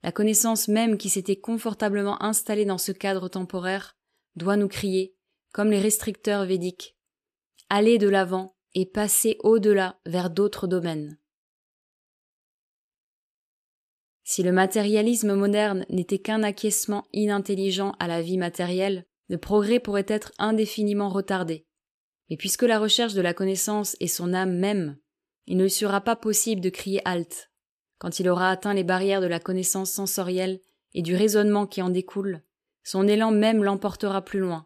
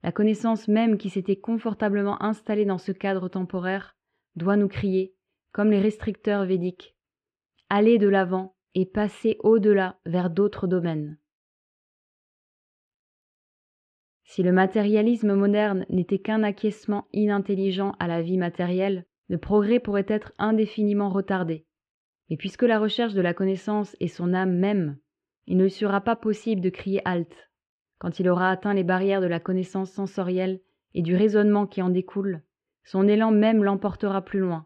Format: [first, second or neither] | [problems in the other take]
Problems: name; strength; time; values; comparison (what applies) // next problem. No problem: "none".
first | muffled; very; fading above 2.5 kHz